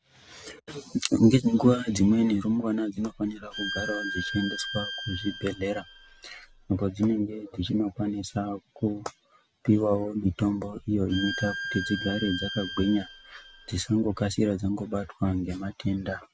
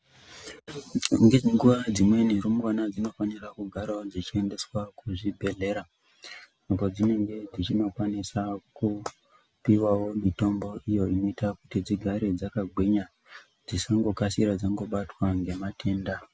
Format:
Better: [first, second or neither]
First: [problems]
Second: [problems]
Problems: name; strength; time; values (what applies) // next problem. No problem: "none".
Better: second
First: background sound (Bowed string instrument); 10 dB below the speech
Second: none